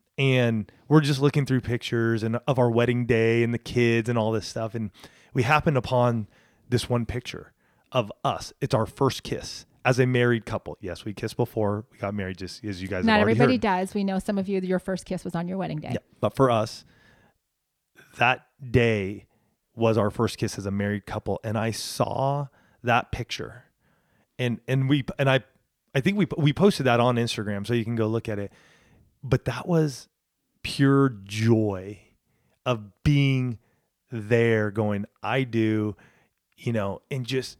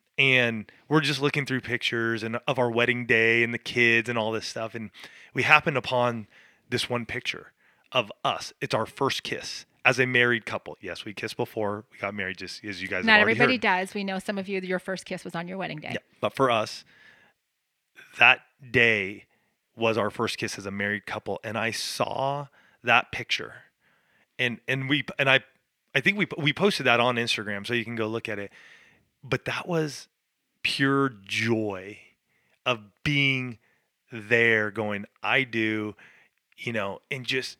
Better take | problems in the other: first | thin; very slightly; fading below 450 Hz

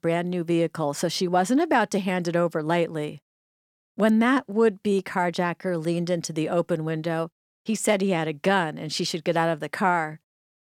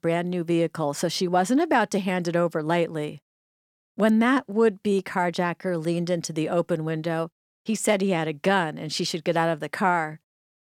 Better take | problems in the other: neither | none

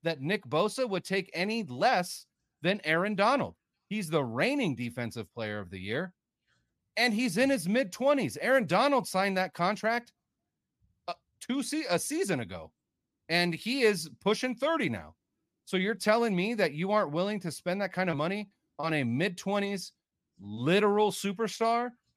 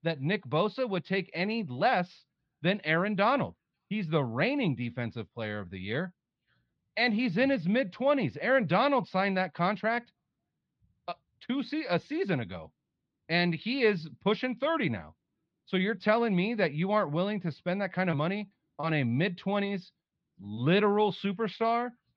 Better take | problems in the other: first | muffled; very slightly; fading above 4 kHz

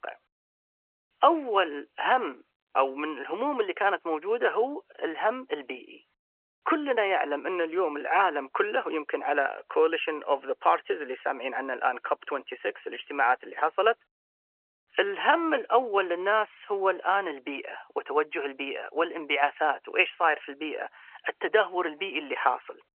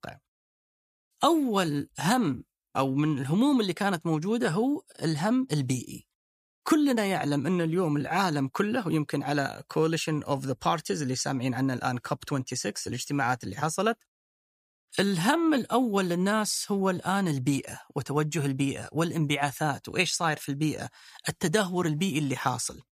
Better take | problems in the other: second | phone-call audio; nothing above 3 kHz

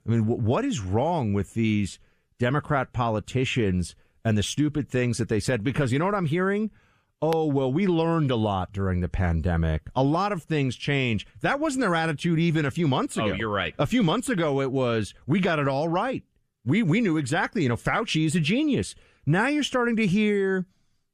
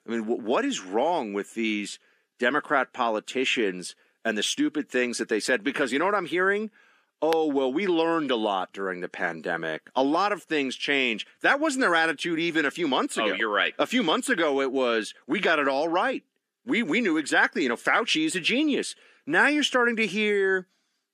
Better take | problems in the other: first | thin; somewhat; fading below 250 Hz

